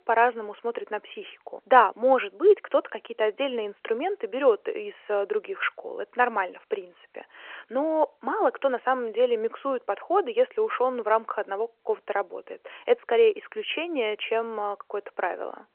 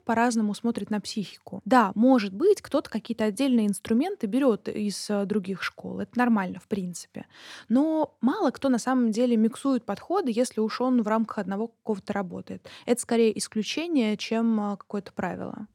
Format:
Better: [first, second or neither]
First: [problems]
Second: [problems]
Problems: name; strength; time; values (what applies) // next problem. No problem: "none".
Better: second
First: phone-call audio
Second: none